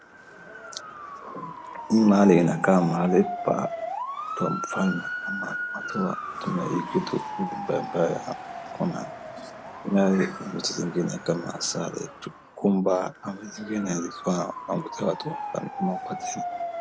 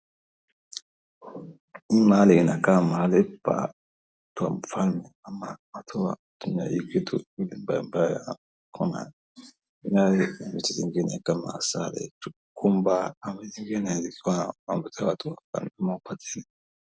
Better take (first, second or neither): second